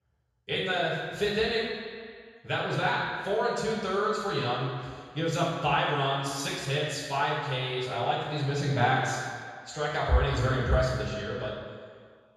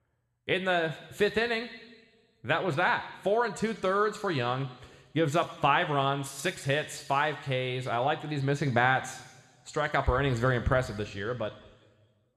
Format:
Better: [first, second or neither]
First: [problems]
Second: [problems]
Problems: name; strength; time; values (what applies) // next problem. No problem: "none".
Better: second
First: room echo; strong; dies away in 1.6 s // off-mic speech; far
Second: room echo; slight; dies away in 1.2 s